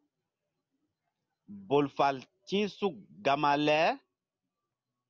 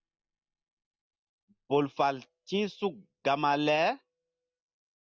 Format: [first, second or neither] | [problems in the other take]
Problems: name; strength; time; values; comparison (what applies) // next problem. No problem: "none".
first | noise reduction (neural mask model DeepFilterNet 3)